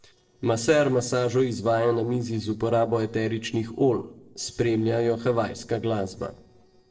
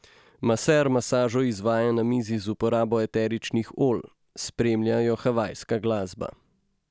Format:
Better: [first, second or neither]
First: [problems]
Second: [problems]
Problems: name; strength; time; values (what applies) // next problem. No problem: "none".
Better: second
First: noise reduction (neural separator model SepFormer DNS4)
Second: none